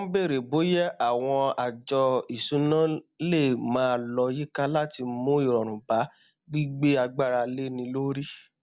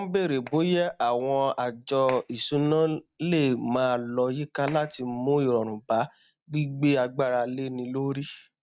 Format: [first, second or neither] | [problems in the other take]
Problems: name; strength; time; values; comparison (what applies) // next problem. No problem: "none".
first | noise reduction (neural mask model RNNoise)